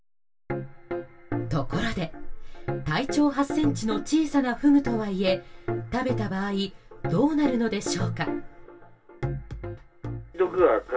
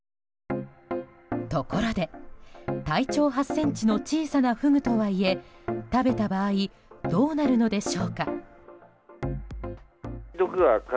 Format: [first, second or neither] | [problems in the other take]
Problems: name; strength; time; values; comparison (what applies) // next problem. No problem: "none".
second | room echo; dies away in 0.1 s